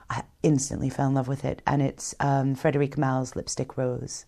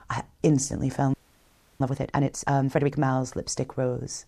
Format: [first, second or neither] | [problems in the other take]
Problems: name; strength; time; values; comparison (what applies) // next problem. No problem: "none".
first | audio freezing; at 1 s for 0.5 s